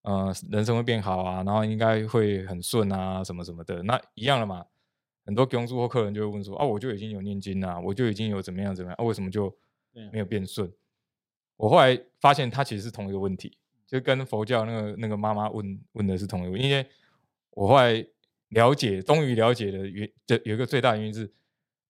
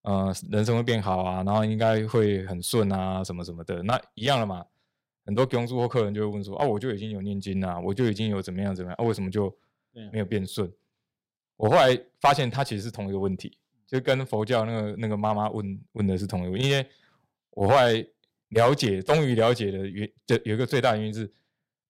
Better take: first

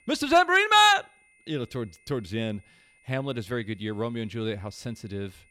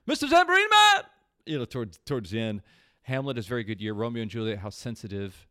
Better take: second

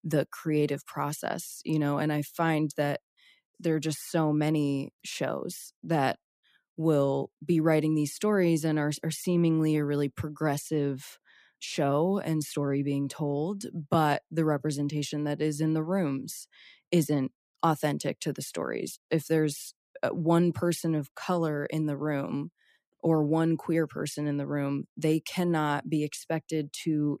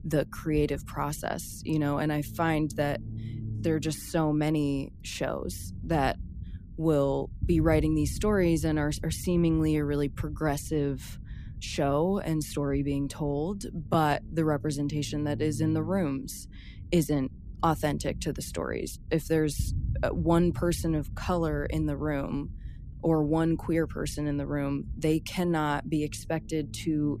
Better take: first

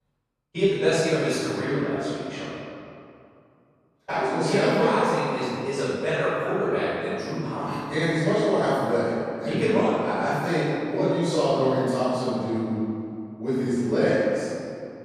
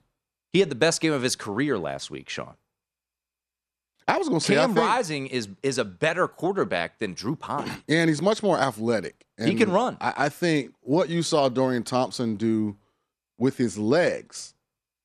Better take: second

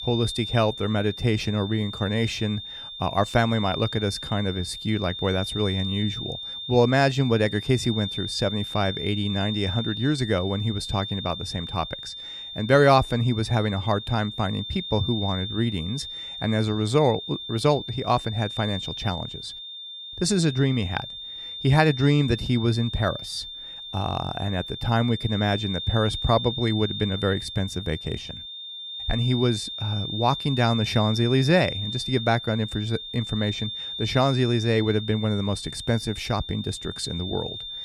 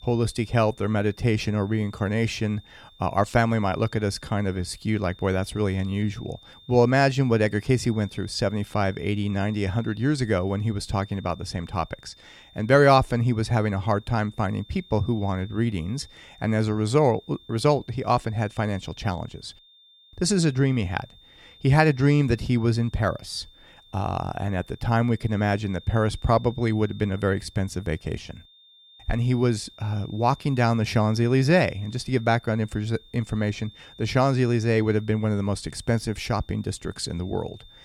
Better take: second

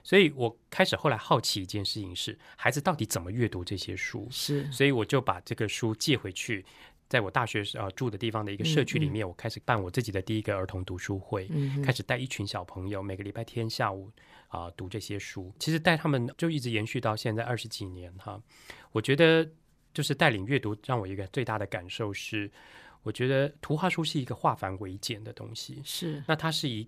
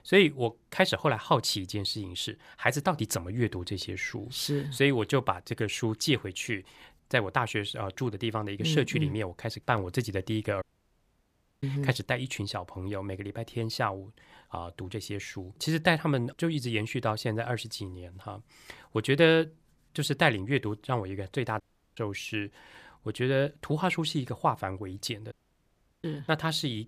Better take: first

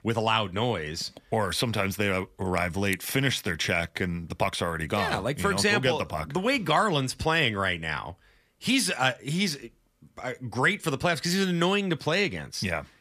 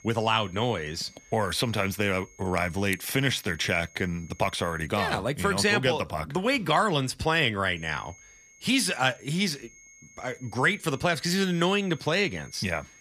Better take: first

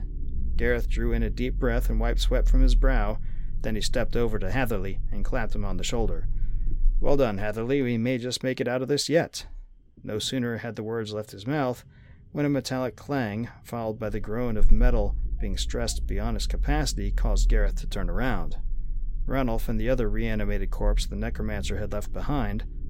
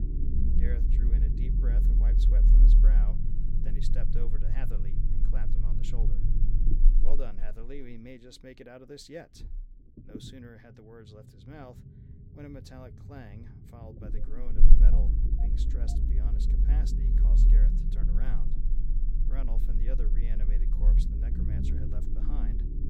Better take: first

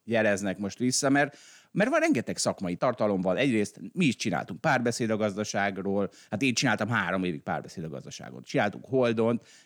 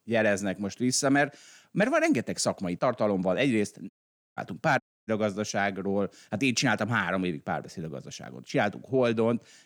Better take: first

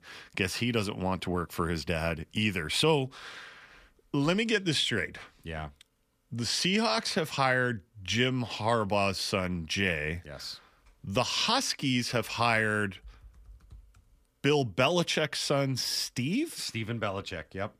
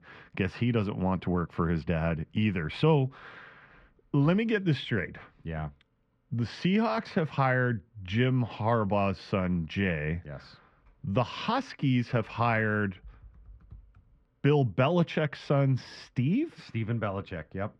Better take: first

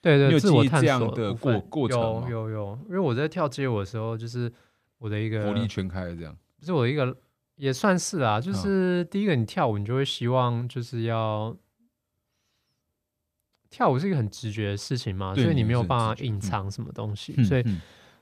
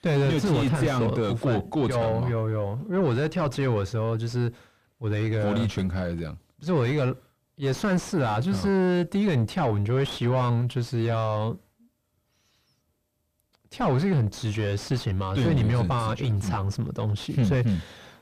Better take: first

